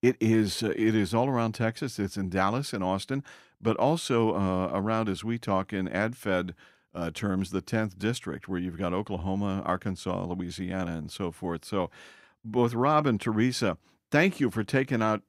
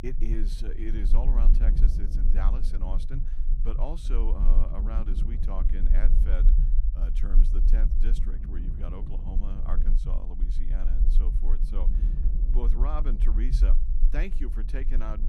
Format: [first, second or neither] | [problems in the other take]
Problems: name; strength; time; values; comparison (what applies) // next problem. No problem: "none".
first | low rumble; loud; throughout; 6 dB below the speech